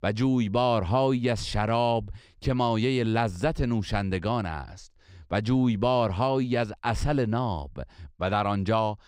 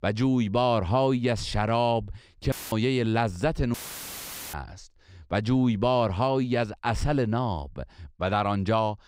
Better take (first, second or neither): first